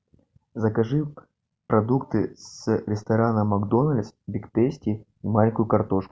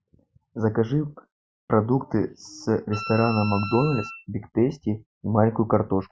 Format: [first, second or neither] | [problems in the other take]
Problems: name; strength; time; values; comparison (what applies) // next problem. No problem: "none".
first | noise reduction (classical method Wiener filter)